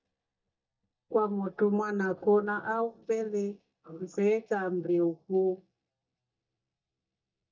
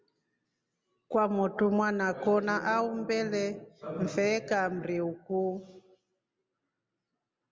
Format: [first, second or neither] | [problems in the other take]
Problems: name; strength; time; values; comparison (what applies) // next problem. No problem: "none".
second | noise reduction (neural mask model DeepFilterNet 3)